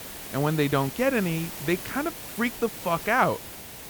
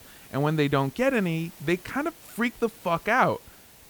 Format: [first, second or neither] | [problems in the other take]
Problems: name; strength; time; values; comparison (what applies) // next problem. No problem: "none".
second | hiss; loud; throughout; 10 dB below the speech; faint in the second